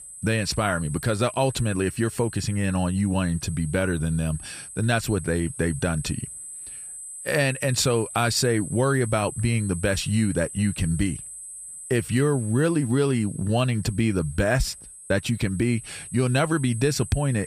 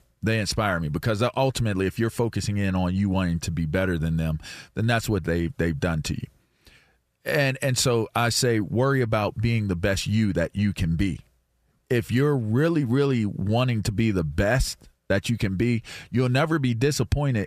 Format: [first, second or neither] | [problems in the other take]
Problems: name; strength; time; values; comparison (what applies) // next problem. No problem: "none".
second | high-pitched whine; noticeable; throughout; 8 kHz, 10 dB below the speech